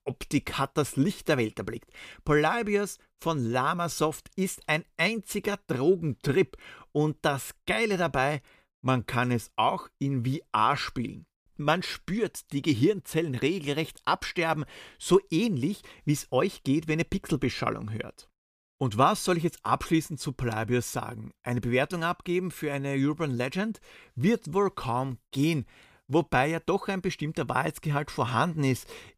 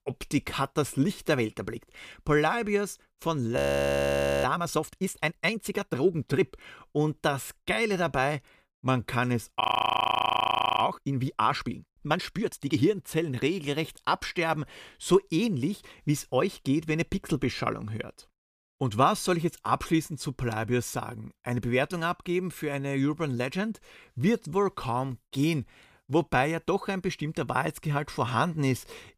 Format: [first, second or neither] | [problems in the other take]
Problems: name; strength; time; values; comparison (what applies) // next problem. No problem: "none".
first | audio freezing; at 3.5 s for 1 s and at 9.5 s for 1 s